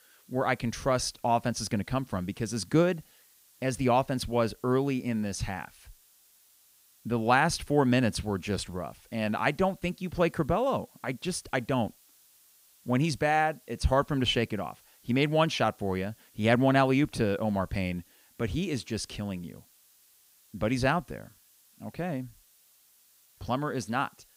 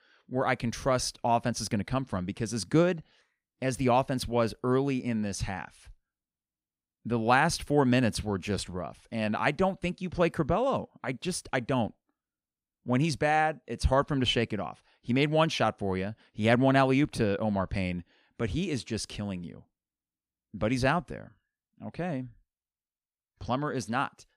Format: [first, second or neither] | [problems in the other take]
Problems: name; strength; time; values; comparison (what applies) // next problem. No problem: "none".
second | hiss; faint; throughout; 30 dB below the speech